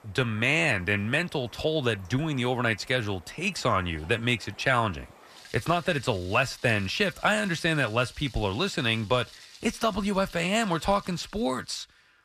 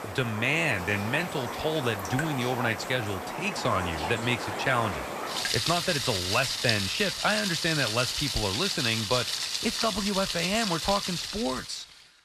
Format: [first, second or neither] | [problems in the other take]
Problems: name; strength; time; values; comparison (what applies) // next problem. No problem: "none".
first | rain or running water; loud; throughout; 2 dB below the speech; faint in the first